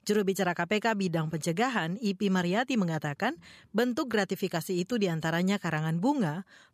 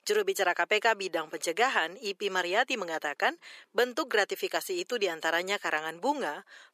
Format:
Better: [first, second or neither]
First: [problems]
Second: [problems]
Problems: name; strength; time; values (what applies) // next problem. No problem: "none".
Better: first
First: none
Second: thin; very; fading below 350 Hz